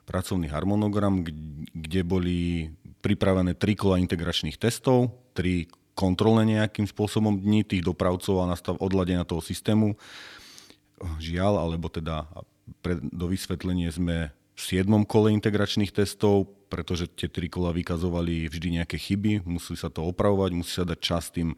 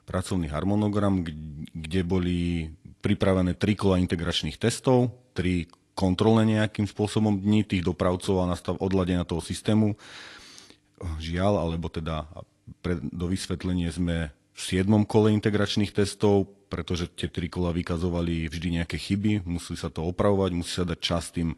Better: first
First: none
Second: garbled, watery; slightly; nothing above 11 kHz

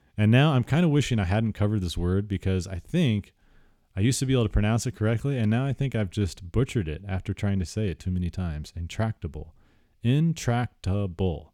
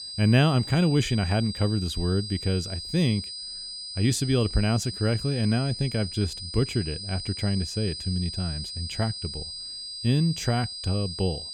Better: first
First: none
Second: high-pitched whine; loud; throughout; 5 kHz, 8 dB below the speech

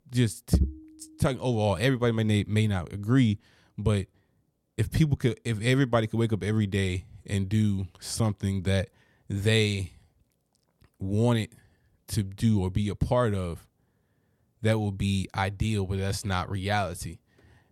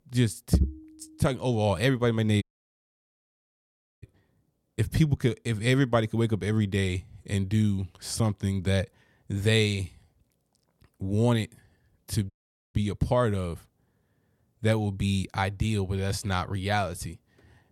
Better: first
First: none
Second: audio cutting out; at 2.5 s for 1.5 s and at 12 s

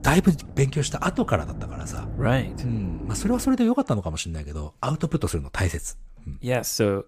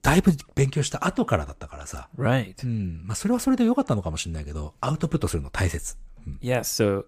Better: second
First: low rumble; noticeable; until 3.5 s; 15 dB below the speech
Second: none

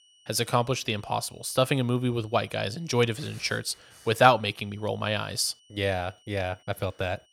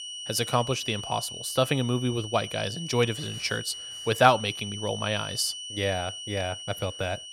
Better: first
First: high-pitched whine; faint; throughout; 3 kHz, 30 dB below the speech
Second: high-pitched whine; loud; throughout; 3 kHz, 8 dB below the speech

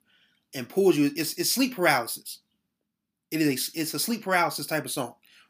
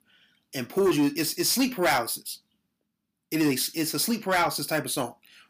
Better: first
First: none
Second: distortion; slight; 10 dB below the speech

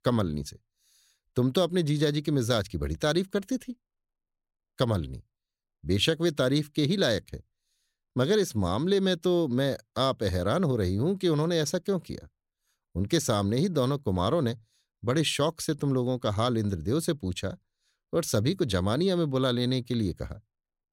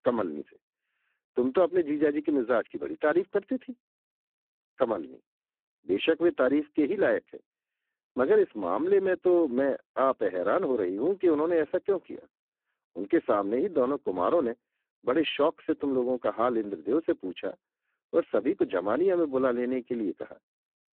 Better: first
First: none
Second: phone-call audio; poor line

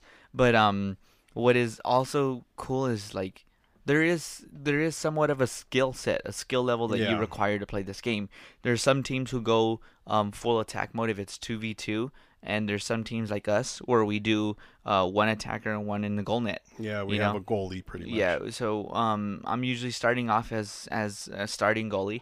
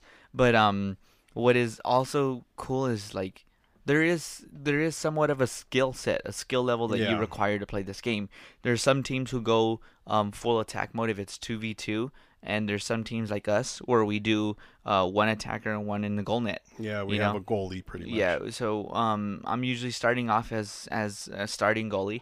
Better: neither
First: none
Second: none

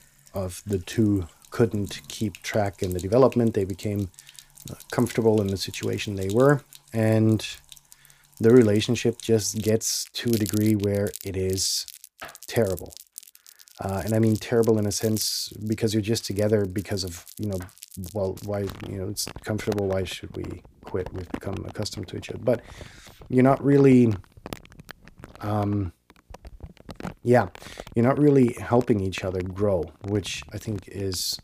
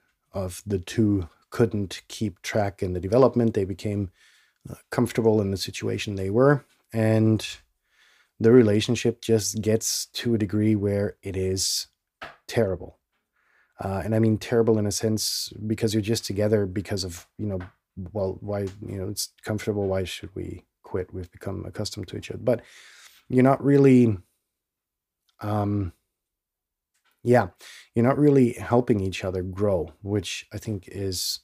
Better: second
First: household noises; noticeable; throughout; 20 dB below the speech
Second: none

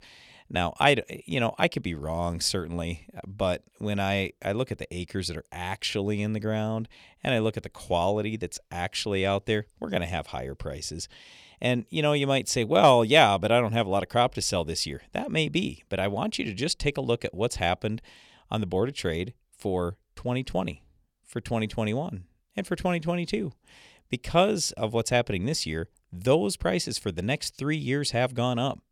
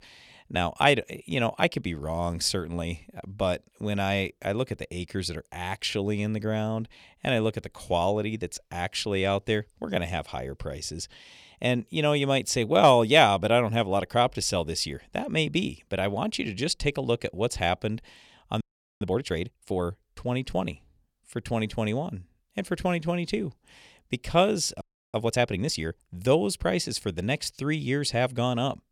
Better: first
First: none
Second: audio freezing; at 19 s and at 25 s

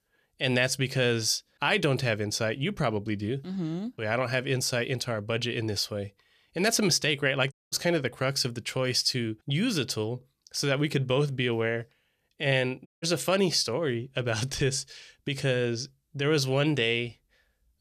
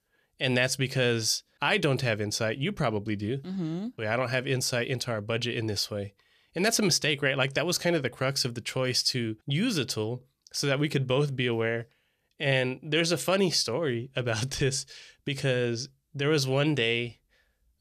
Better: second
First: audio cutting out; at 7.5 s and at 13 s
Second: none

